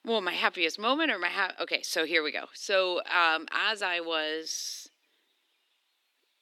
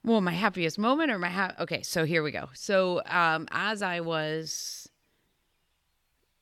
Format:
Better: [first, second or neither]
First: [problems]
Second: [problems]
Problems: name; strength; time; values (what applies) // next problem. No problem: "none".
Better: second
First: thin; somewhat; fading below 250 Hz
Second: none